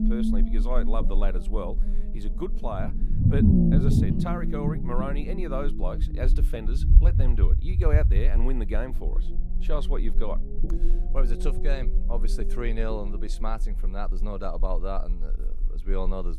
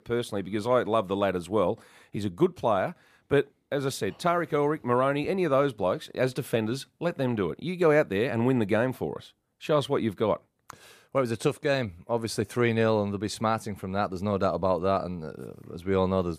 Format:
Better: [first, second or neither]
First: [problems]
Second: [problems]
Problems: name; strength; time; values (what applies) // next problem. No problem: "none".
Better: second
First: low rumble; loud; throughout; 2 dB below the speech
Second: none